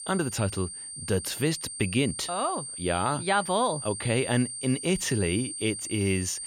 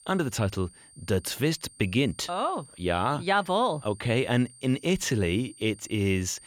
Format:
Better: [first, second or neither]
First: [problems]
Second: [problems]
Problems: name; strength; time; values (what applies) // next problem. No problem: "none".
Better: second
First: high-pitched whine; loud; throughout; 9 kHz, 7 dB below the speech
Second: high-pitched whine; faint; throughout; 9 kHz, 20 dB below the speech